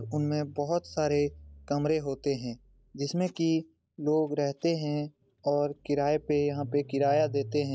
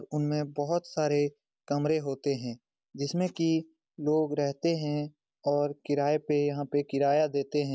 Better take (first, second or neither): second